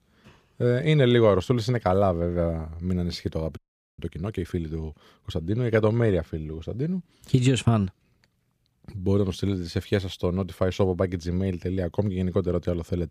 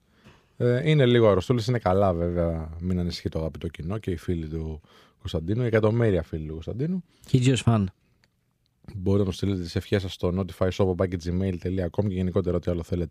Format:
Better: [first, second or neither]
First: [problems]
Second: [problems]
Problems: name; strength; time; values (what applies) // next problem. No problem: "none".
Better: second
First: audio freezing; at 3.5 s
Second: none